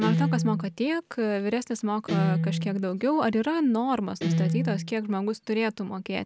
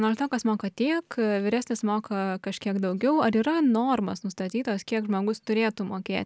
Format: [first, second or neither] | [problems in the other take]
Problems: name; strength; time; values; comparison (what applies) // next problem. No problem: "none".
second | background sound (Guitar); 3 dB below the speech